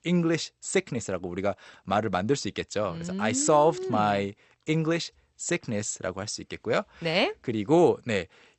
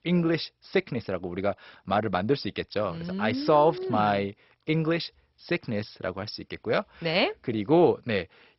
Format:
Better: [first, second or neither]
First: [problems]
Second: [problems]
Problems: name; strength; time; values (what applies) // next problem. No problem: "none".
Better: first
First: garbled, watery; slightly; nothing above 8 kHz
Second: garbled, watery; badly; nothing above 5.5 kHz